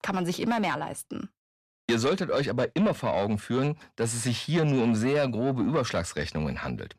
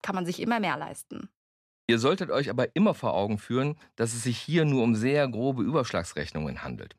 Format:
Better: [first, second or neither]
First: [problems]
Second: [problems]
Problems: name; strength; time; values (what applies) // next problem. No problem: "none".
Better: second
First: distortion; slight; 10 dB below the speech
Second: none